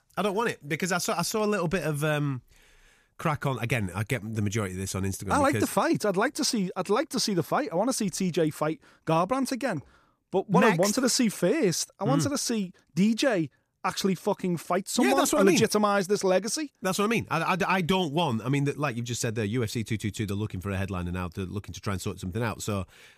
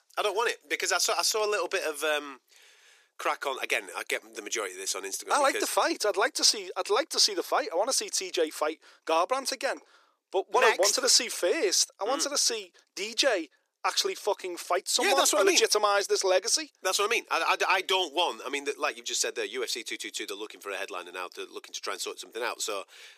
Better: first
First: none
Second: thin; very; fading below 350 Hz

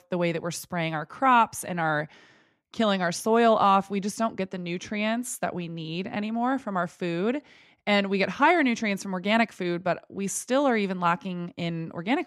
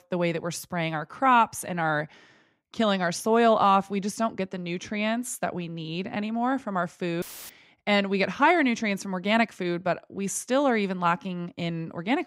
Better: first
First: none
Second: audio cutting out; filled with static; at 7 s

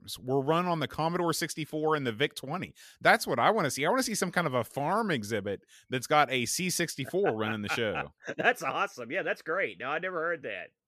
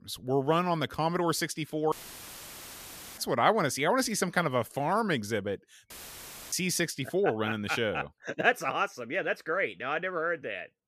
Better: first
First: none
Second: audio cutting out; filled with static; at 2 s for 1.5 s and at 6 s for 0.5 s

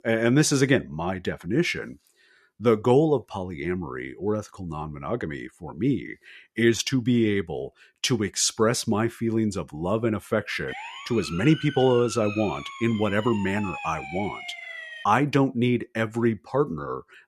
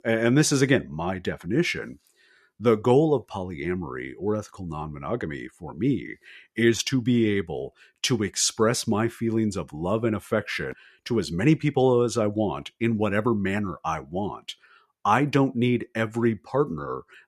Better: second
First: siren; noticeable; from 11 to 15 s; peak 9 dB below the speech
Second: none

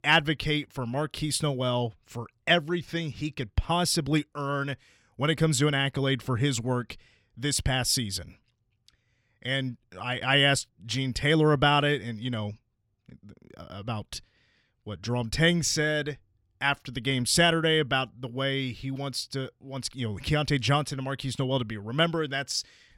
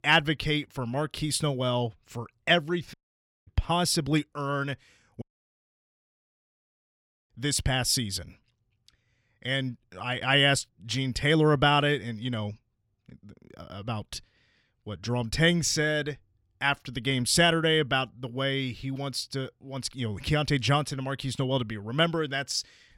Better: first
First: none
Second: audio cutting out; at 3 s for 0.5 s and at 5 s for 2 s

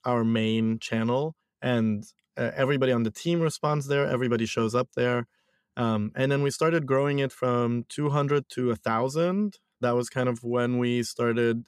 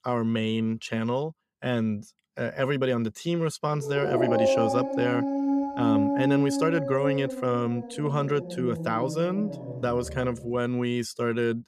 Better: first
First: none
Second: dog barking; loud; from 4 to 10 s; peak 5 dB above the speech

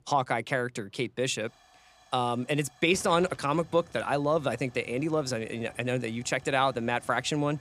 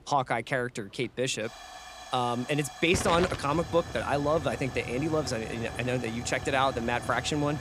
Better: first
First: hiss; faint; throughout; 25 dB below the speech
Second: hiss; loud; throughout; 10 dB below the speech

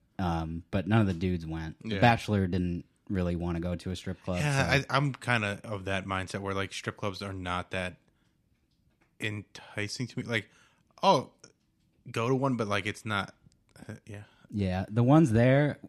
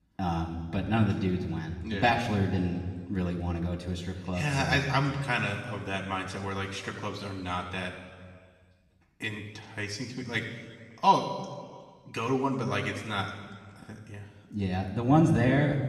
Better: first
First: none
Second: room echo; noticeable; dies away in 1.6 s // off-mic speech; somewhat distant

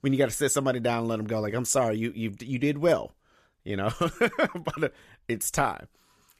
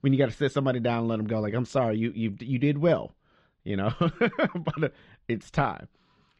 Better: first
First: none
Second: muffled; very; fading above 4 kHz

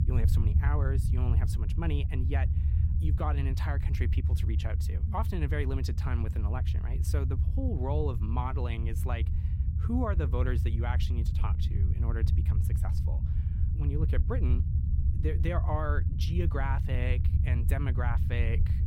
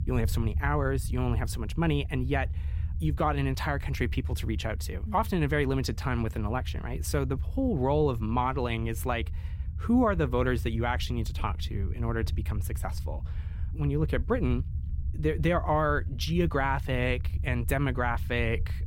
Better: second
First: low rumble; loud; throughout; 6 dB below the speech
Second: low rumble; faint; throughout; 20 dB below the speech

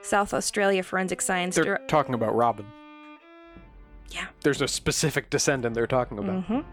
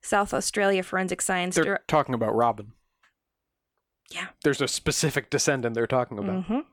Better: second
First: background music; faint; throughout; 25 dB below the speech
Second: none

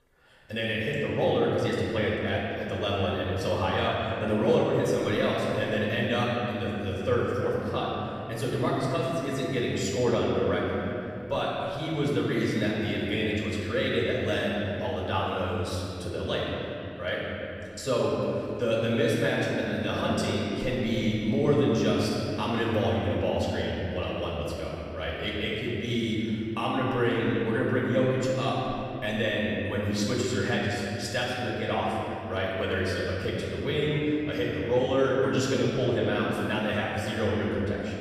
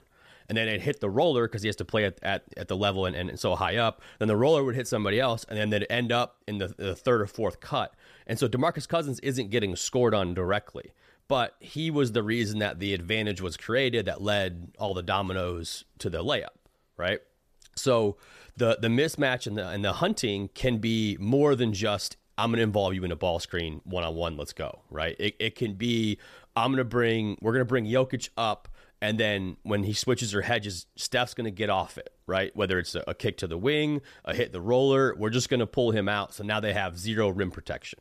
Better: second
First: off-mic speech; far // room echo; strong; dies away in 3 s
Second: none

